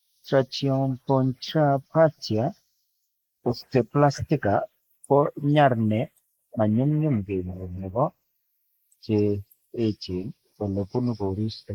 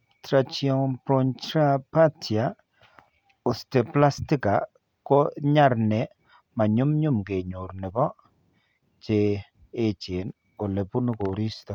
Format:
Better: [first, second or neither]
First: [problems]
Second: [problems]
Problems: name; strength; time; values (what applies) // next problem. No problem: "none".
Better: second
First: noise reduction (neural mask model Resemble Enhance denoiser)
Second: none